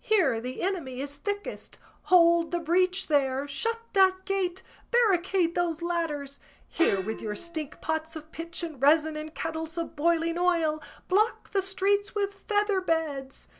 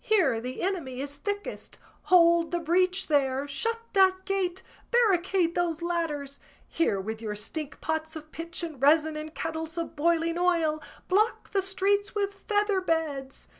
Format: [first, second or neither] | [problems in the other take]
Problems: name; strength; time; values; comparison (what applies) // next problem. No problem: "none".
second | background sound (Gong); 15 dB below the speech